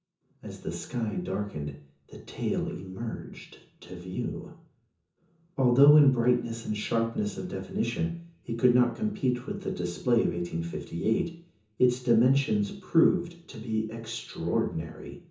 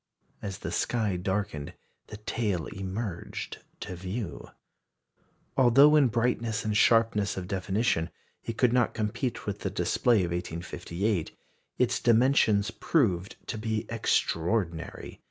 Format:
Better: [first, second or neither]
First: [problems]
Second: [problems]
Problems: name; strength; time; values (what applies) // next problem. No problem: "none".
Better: second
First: room echo; dies away in 0.6 s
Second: none